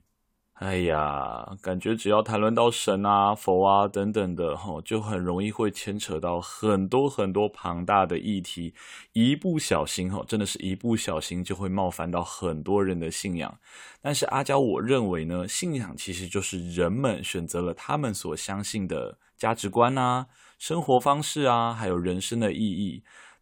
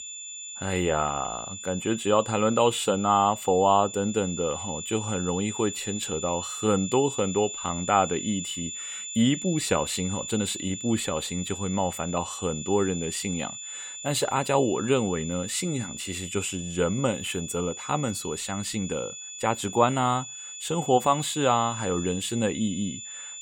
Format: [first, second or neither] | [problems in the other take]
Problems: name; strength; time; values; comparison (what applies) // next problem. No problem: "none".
first | high-pitched whine; loud; throughout; 7 kHz, 8 dB below the speech